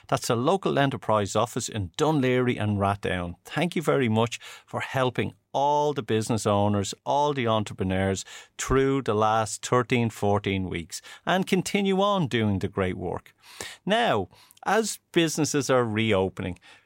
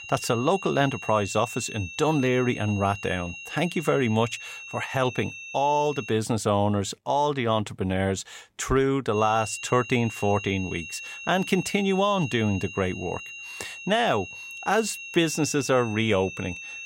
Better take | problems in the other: first | high-pitched whine; noticeable; until 6 s and from 9 s on; 3 kHz, 10 dB below the speech

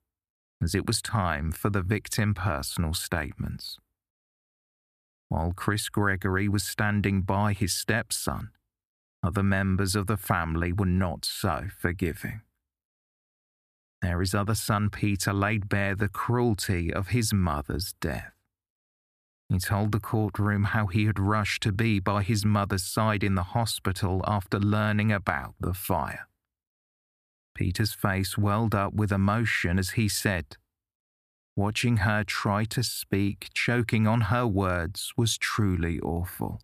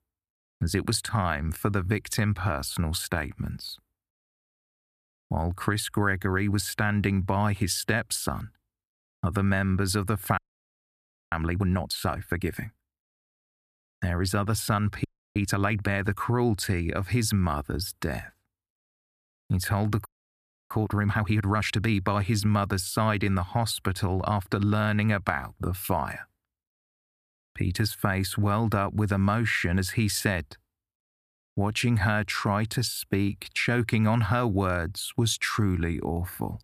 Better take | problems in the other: first | audio freezing; at 10 s for 1 s, at 15 s and at 20 s for 0.5 s

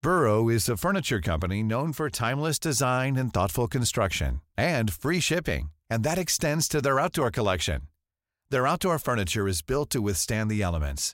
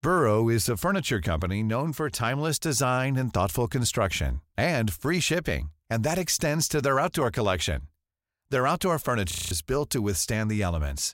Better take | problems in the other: first | audio freezing; at 9.5 s

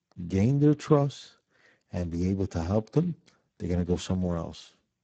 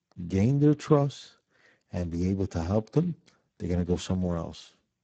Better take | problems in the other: neither | garbled, watery; badly; nothing above 7.5 kHz; the same in both

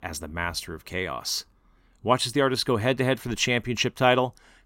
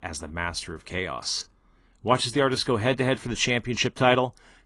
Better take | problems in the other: first | garbled, watery; slightly; nothing above 10 kHz

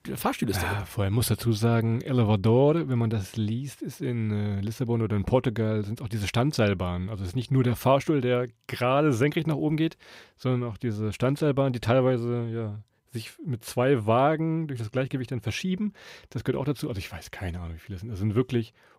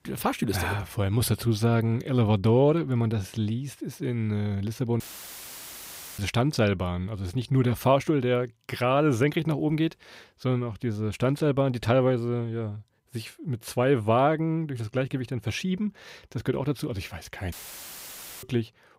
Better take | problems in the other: first | audio cutting out; filled with static; at 5 s for 1 s and at 18 s for 1 s

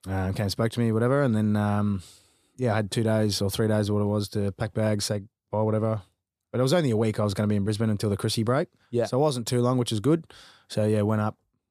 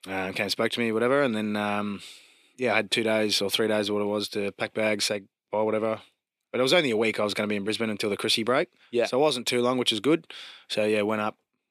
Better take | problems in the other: first | thin; somewhat; fading below 300 Hz

